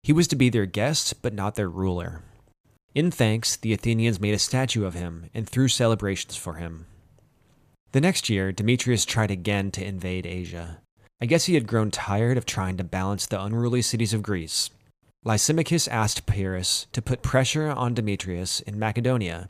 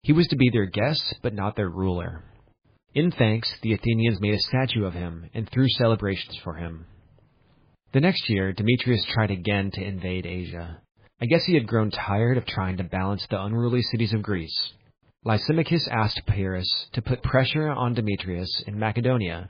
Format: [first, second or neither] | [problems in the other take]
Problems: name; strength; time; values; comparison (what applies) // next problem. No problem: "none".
first | garbled, watery; badly; nothing above 4.5 kHz